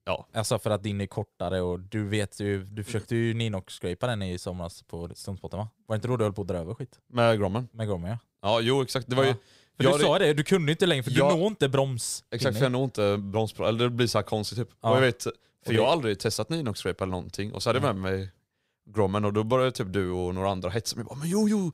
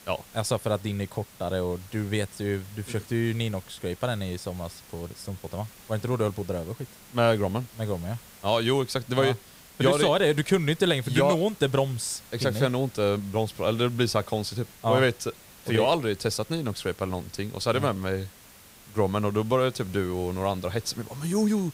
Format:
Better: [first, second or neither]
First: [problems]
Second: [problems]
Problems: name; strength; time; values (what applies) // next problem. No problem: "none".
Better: first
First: none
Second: hiss; faint; throughout; 20 dB below the speech